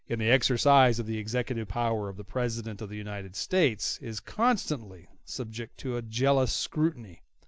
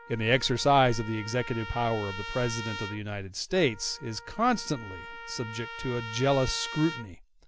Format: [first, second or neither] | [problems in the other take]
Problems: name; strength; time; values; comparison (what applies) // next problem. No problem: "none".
first | background sound (Trumpet); 12 dB below the speech